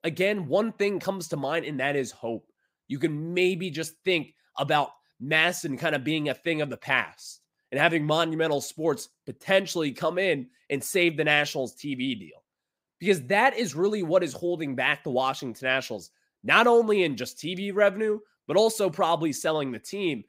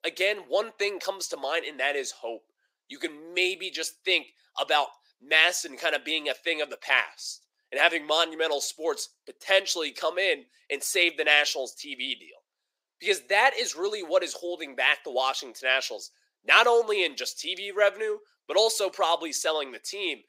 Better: first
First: none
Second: thin; very; fading below 400 Hz

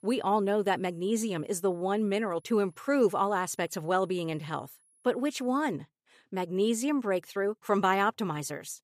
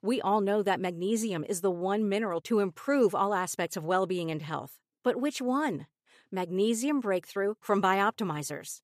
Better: second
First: high-pitched whine; faint; until 5.5 s; 10.5 kHz, 35 dB below the speech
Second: none

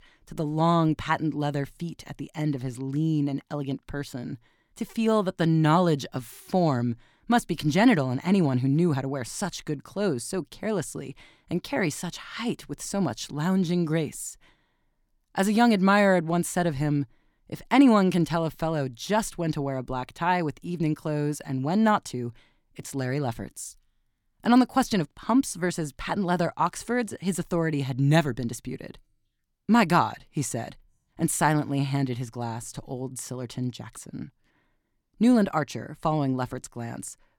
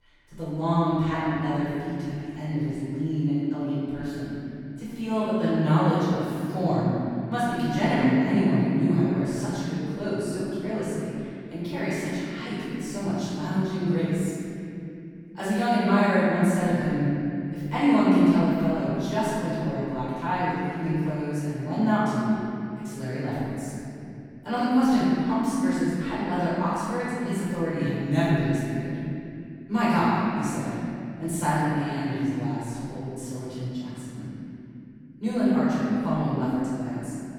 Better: first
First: none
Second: room echo; strong; dies away in 3 s // off-mic speech; far

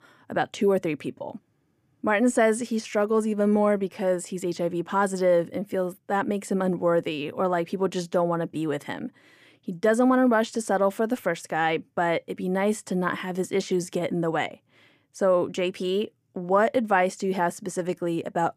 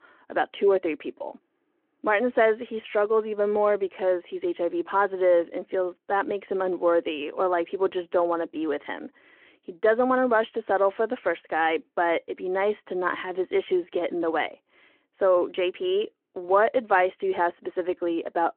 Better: first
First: none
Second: phone-call audio

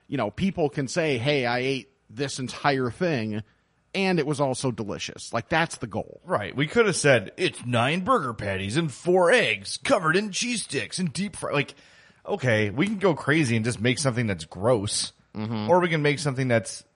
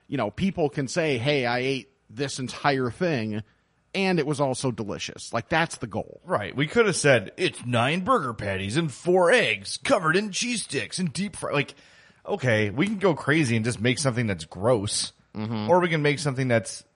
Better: neither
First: garbled, watery; slightly; nothing above 10.5 kHz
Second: garbled, watery; slightly; nothing above 10.5 kHz

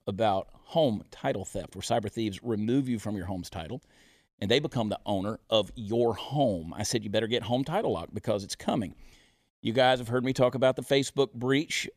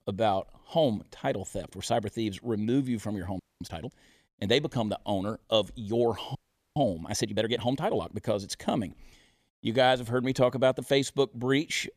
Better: first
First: none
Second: audio freezing; at 3.5 s and at 6.5 s

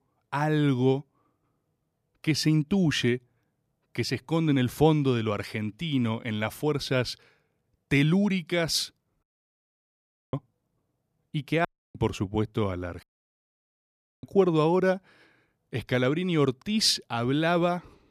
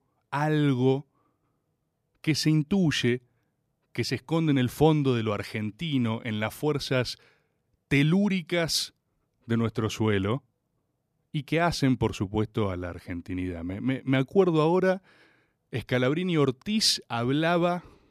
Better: second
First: audio cutting out; at 9 s for 1 s, at 12 s and at 13 s for 1 s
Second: none

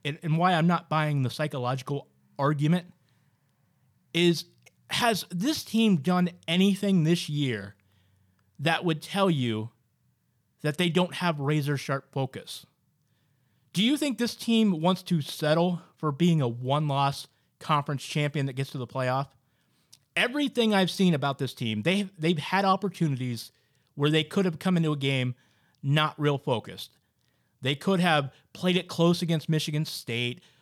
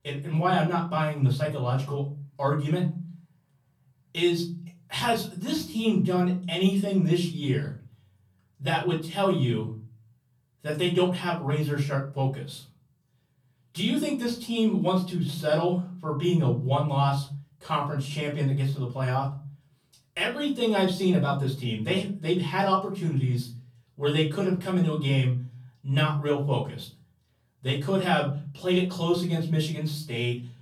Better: first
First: none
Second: room echo; slight; dies away in 0.4 s // off-mic speech; far

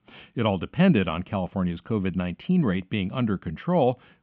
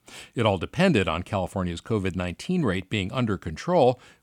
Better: second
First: muffled; very; fading above 3 kHz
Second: none

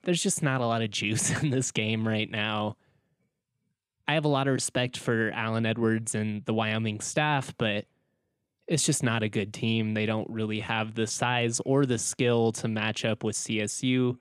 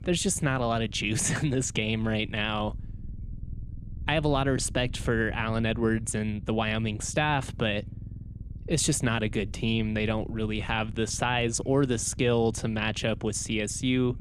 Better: first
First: none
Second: low rumble; faint; throughout; 25 dB below the speech

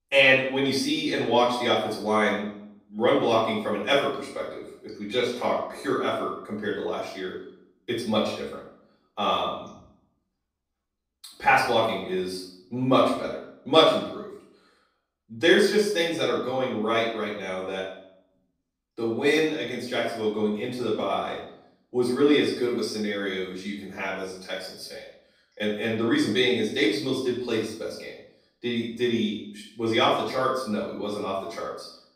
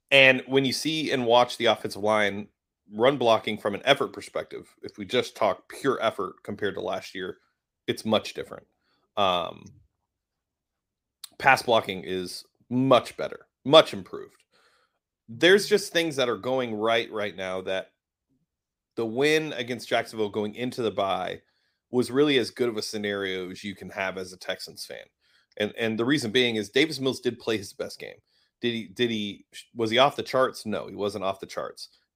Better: second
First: room echo; noticeable; dies away in 0.6 s // off-mic speech; far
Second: none

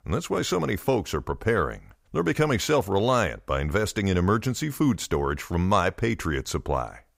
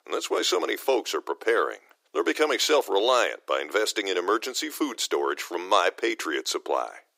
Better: first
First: none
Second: thin; very; fading below 300 Hz

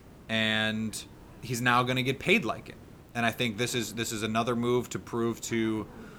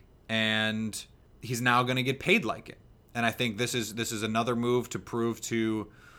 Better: second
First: hiss; faint; throughout; 20 dB below the speech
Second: none

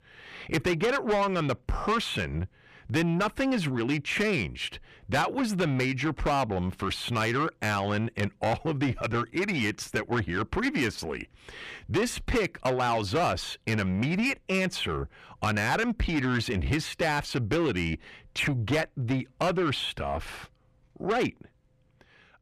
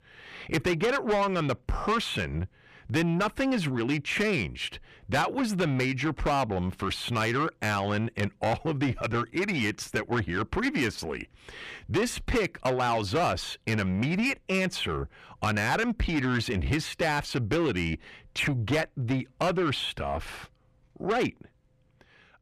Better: neither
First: distortion; heavy; 7 dB below the speech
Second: distortion; heavy; 7 dB below the speech

